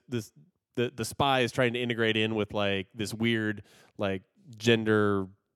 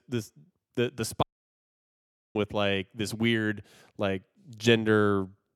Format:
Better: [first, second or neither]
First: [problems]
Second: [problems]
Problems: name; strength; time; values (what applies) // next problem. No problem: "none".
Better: first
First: none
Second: audio cutting out; at 1 s for 1 s